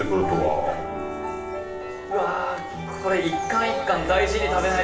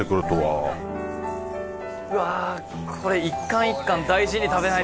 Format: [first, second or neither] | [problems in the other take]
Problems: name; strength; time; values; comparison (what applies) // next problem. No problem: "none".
second | background sound (Bowed string instrument); 14 dB below the speech // room echo; dies away in 0.5 s